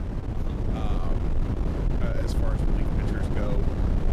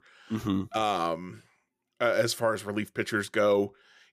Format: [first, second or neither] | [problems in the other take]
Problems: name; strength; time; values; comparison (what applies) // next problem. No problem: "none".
second | wind noise on the microphone; heavy; 4 dB above the speech